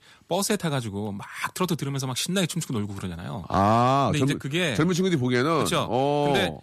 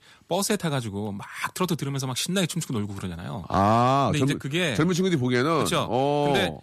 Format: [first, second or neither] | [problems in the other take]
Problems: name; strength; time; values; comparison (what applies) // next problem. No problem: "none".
neither | none